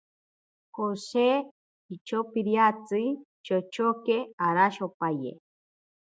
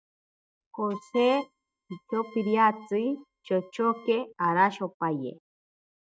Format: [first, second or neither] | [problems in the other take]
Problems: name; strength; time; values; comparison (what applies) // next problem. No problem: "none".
first | noise reduction (neural mask model RNNoise)